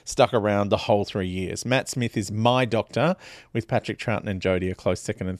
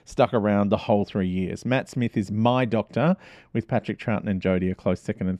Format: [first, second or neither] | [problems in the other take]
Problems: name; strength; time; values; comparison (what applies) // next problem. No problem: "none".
first | muffled; slightly; fading above 3.5 kHz